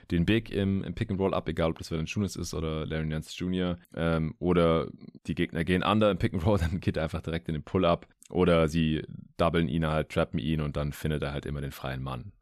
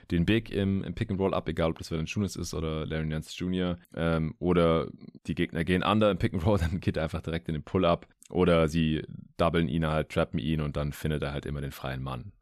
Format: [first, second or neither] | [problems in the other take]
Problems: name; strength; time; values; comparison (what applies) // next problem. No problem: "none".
neither | none